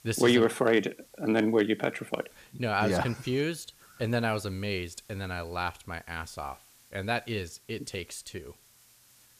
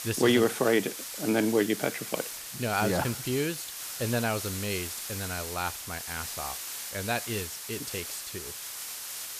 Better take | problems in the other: first | hiss; loud; throughout; 6 dB below the speech; faint in the first

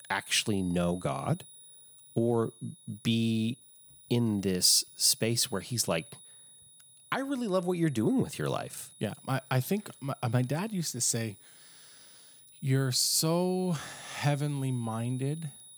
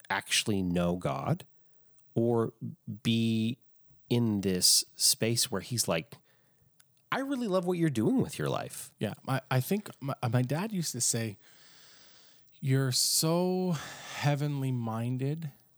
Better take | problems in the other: second | high-pitched whine; faint; throughout; 10.5 kHz, 20 dB below the speech

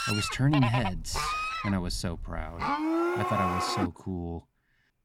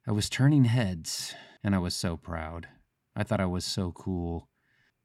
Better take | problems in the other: second | animal sounds; very loud; throughout; as loud as the speech

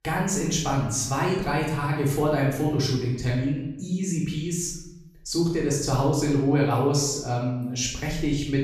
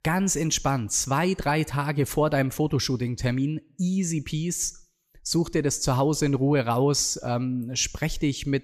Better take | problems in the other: second | off-mic speech; far // room echo; noticeable; dies away in 0.8 s

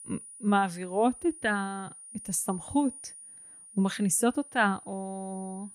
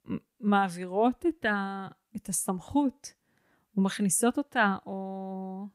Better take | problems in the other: second | high-pitched whine; noticeable; throughout; 9.5 kHz, 15 dB below the speech

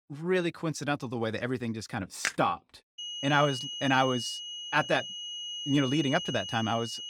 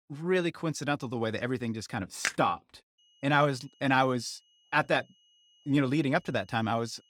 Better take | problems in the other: second | high-pitched whine; loud; from 3 s on; 3 kHz, 6 dB below the speech; faint in the second

